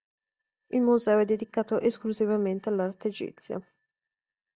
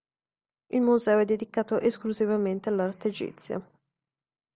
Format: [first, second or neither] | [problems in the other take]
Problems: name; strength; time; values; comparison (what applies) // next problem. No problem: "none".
second | noise reduction (neural mask model DeepFilterNet 3)